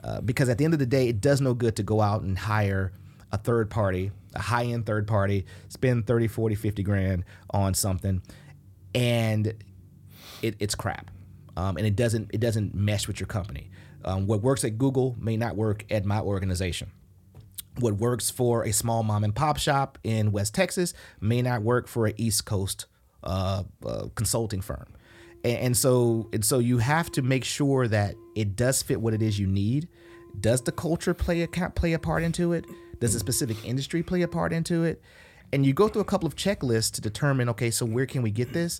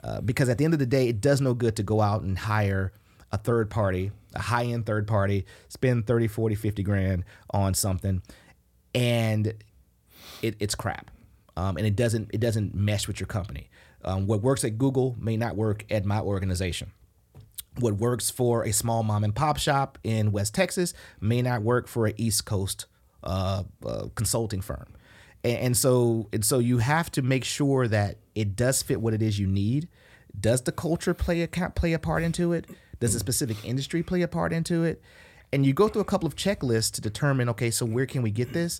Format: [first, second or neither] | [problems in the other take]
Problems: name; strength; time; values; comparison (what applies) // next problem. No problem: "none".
second | background music; faint; throughout; 25 dB below the speech